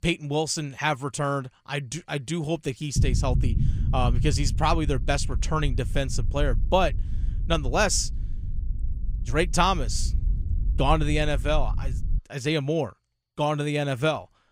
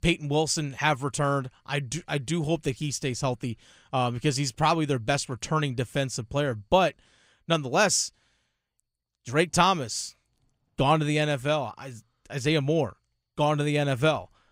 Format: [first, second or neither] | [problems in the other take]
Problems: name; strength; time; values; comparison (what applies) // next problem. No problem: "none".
second | low rumble; noticeable; from 3 to 12 s; 20 dB below the speech